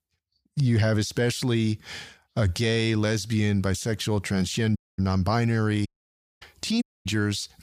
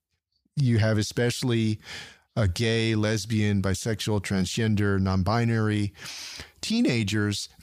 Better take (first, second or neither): second